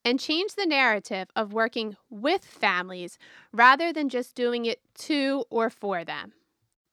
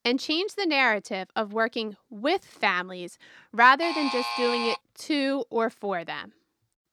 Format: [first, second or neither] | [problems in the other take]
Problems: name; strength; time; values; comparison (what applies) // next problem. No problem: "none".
first | alarm; noticeable; at 4 s; peak 3 dB below the speech